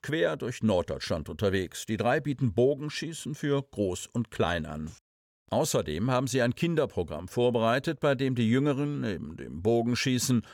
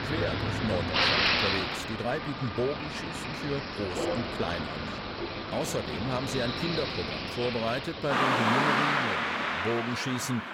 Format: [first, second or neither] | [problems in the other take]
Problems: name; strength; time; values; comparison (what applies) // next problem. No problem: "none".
first | traffic noise; very loud; throughout; 4 dB above the speech